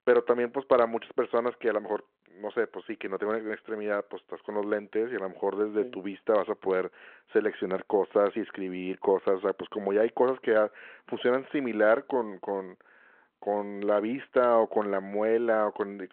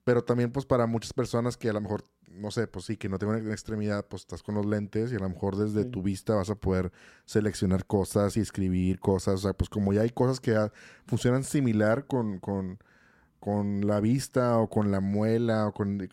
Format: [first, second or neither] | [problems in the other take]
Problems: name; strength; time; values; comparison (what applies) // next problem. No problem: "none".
second | phone-call audio